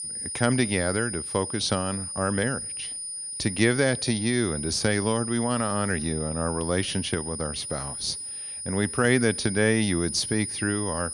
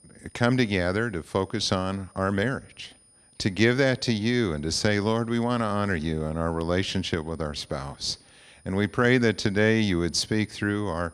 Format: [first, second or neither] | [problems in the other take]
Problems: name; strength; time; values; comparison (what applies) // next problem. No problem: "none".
second | high-pitched whine; loud; throughout; 9.5 kHz, 5 dB below the speech; faint in the second